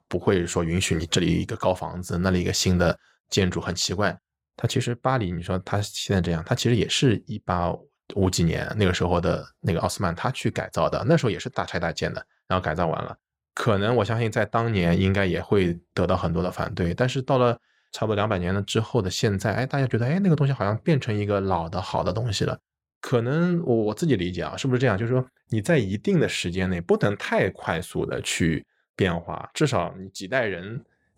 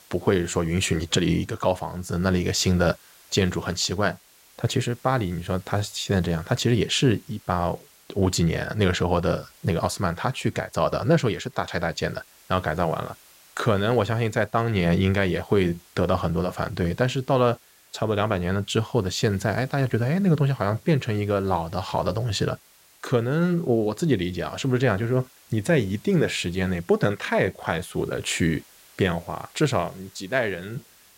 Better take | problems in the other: first | hiss; faint; throughout; 25 dB below the speech

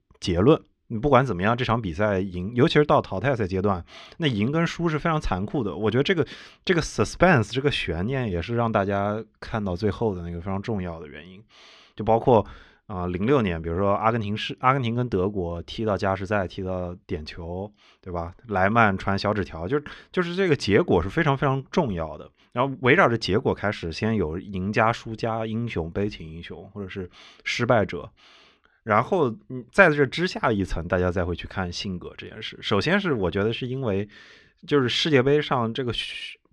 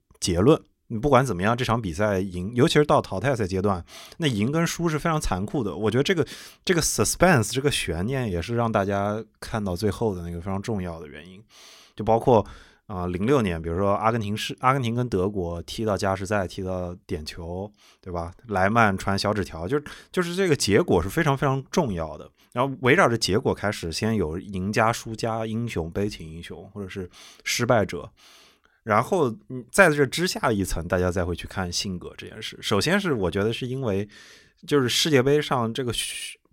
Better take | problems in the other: second | muffled; very slightly; fading above 3 kHz

